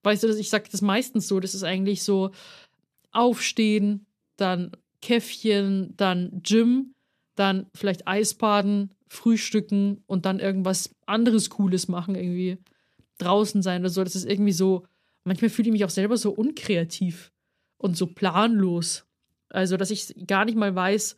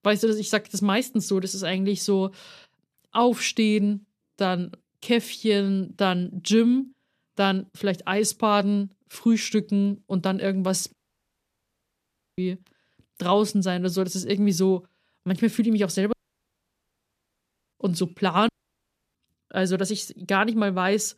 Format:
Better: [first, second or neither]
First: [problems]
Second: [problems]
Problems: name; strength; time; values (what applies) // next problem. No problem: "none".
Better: first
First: none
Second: audio cutting out; at 11 s for 1.5 s, at 16 s for 1.5 s and at 18 s for 0.5 s